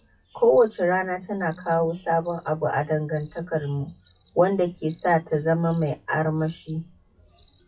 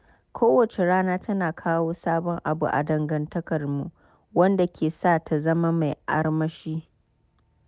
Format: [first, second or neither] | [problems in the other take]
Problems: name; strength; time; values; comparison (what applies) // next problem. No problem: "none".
second | noise reduction (classical method WPE with log-MMSE)